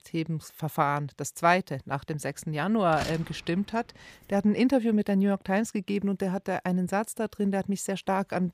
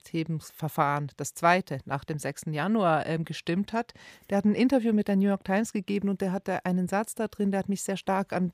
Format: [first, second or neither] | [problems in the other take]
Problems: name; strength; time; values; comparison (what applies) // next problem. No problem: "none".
second | door banging; noticeable; at 3 s; peak 9 dB below the speech